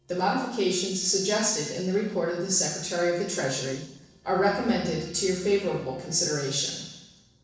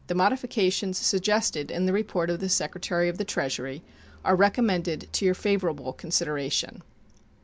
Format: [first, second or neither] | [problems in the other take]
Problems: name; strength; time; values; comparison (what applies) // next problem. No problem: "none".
second | noise reduction (neural separator model SepFormer DNS4)